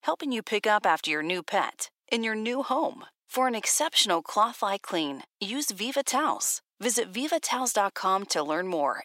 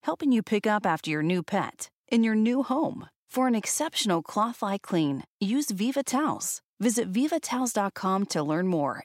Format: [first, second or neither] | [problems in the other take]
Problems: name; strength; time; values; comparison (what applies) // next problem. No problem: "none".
second | thin; somewhat; fading below 500 Hz